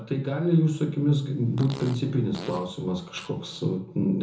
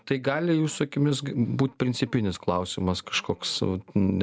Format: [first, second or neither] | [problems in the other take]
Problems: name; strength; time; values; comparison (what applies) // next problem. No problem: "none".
second | background sound (Fart); 19 dB below the speech // room echo; dies away in 0.6 s